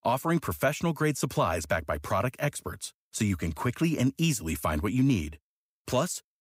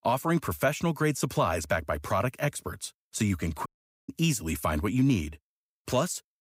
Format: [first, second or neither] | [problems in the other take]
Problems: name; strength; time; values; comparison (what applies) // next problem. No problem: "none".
first | audio cutting out; at 3.5 s